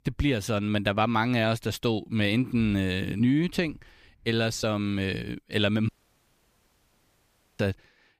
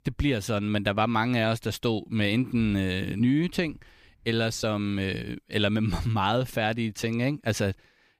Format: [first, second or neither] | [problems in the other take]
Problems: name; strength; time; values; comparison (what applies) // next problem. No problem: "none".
second | audio cutting out; at 6 s for 1.5 s